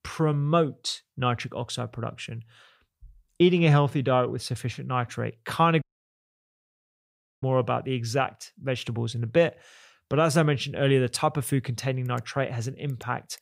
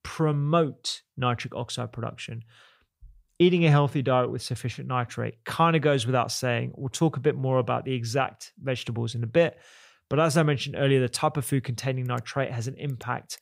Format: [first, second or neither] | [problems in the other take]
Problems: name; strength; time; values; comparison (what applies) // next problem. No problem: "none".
second | audio cutting out; at 6 s for 1.5 s